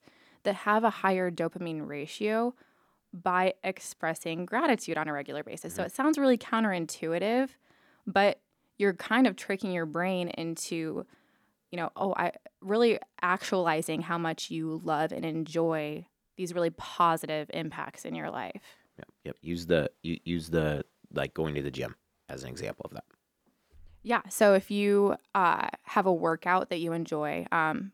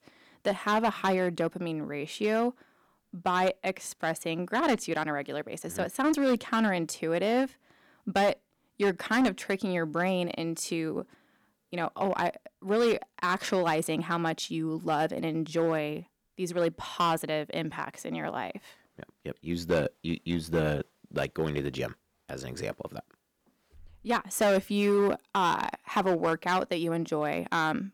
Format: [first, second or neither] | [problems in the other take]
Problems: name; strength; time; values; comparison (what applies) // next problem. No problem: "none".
first | distortion; slight; 5% of the sound clipped